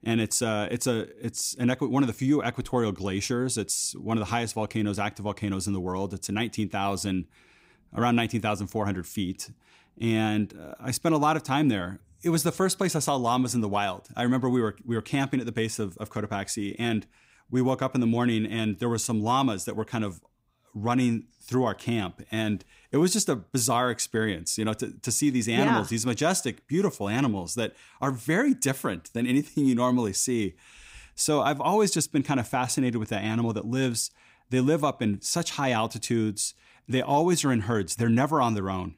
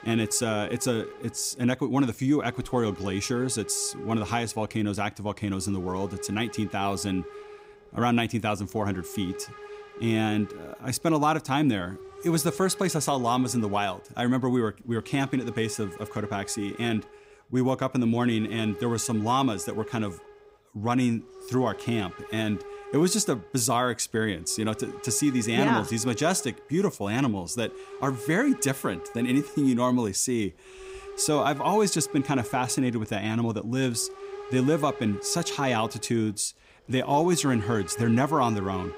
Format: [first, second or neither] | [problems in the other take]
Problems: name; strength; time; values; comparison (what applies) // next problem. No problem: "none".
first | hiss; noticeable; throughout; 15 dB below the speech